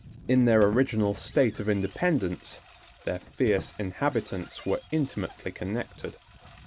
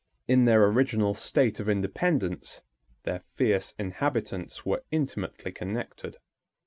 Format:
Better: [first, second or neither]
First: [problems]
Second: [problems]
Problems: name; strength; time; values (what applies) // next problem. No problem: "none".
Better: second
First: background sound (Engine + Squeak); 19 dB below the speech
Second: none